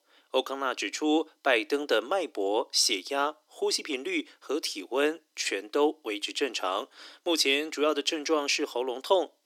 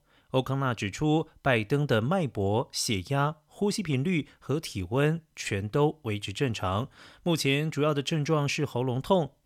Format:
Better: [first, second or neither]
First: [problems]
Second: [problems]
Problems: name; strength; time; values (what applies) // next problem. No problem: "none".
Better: second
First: thin; somewhat; fading below 300 Hz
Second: none